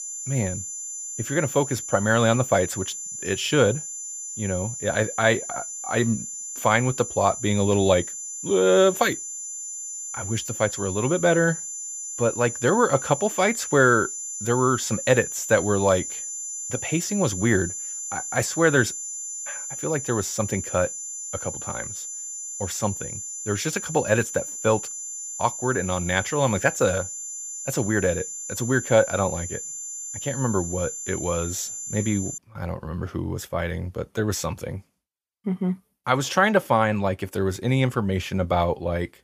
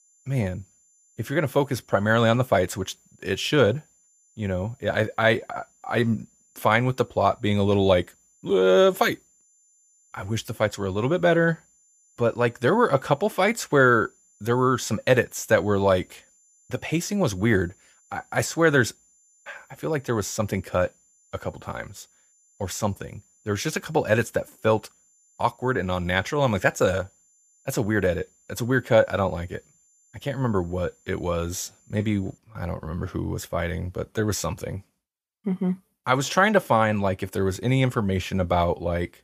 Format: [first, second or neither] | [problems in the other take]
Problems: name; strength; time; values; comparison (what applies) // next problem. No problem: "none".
second | high-pitched whine; loud; until 32 s; 7 kHz, 7 dB below the speech; faint in the second